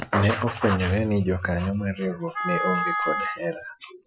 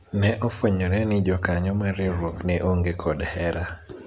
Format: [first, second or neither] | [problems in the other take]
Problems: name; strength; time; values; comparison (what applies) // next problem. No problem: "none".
second | noise reduction (classical method Wiener filter)